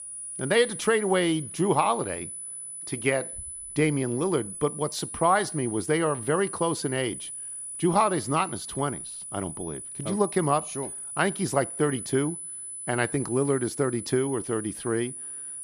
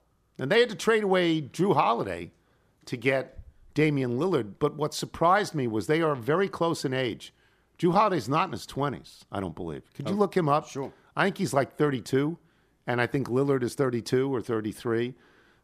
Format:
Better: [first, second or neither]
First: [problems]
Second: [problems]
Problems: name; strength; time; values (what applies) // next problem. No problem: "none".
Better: second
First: high-pitched whine; loud; throughout; 10 kHz, 8 dB below the speech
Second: none